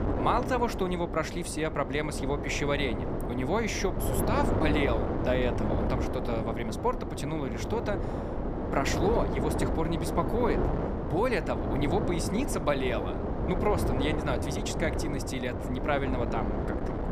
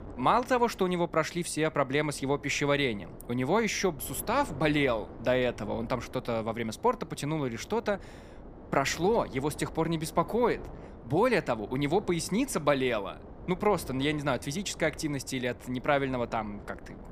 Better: second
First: wind noise on the microphone; heavy; 3 dB below the speech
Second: wind noise on the microphone; occasional gusts; 20 dB below the speech

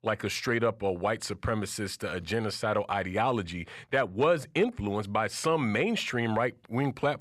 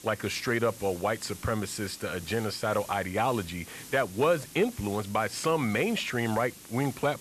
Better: first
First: none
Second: hiss; noticeable; throughout; 15 dB below the speech

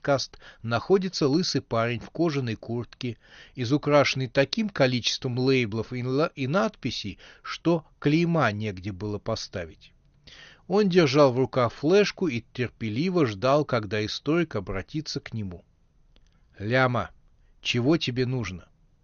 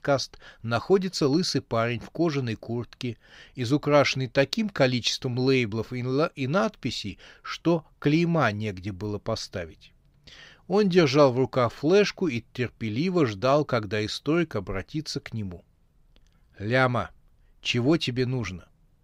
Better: second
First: garbled, watery; slightly; nothing above 6.5 kHz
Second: none

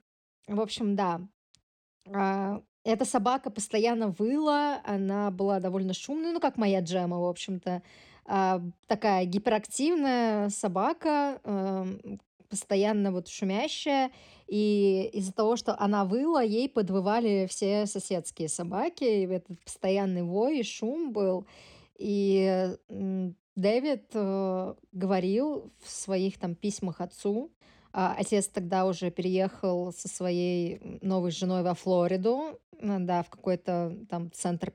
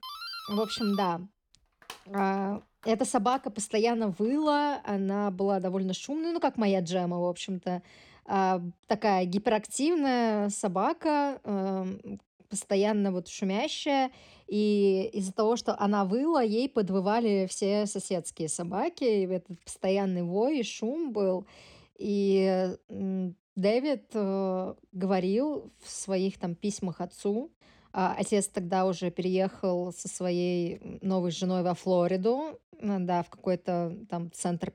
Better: first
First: none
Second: doorbell; noticeable; until 4.5 s; peak 8 dB below the speech

